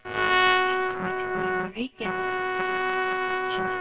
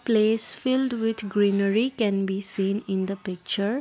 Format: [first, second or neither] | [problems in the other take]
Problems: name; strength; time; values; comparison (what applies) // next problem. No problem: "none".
second | noise reduction (neural separator model SepFormer WHAMR!)